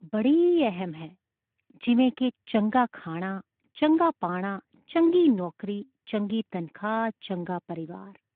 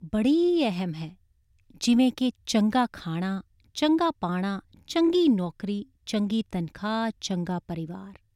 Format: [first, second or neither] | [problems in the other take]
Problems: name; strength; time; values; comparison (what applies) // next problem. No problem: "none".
second | phone-call audio; nothing above 3.5 kHz